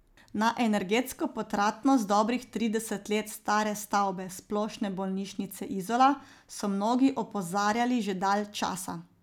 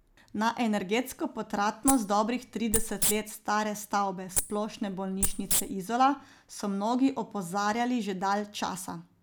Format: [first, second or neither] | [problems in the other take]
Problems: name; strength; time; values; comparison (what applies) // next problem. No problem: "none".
first | background sound (Wild animals); 2 dB below the speech